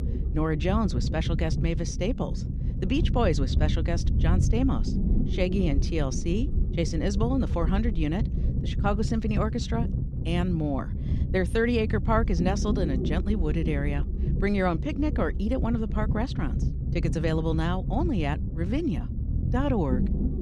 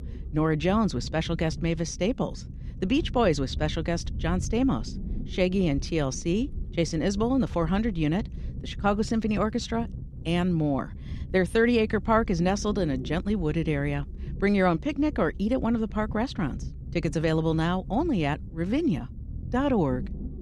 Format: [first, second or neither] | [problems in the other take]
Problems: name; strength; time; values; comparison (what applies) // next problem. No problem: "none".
second | low rumble; loud; throughout; 10 dB below the speech; faint in the second